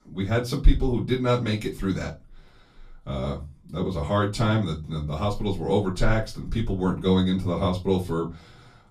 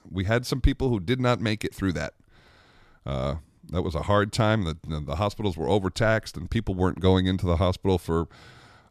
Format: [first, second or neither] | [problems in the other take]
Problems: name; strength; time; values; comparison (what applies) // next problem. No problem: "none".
second | off-mic speech; far // room echo; very slight; dies away in 0.2 s